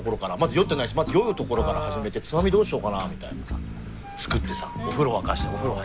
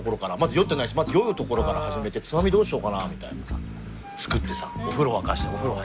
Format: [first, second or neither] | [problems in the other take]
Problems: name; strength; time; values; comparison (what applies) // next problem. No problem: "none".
second | background sound (Boat, Water vehicle); 18 dB below the speech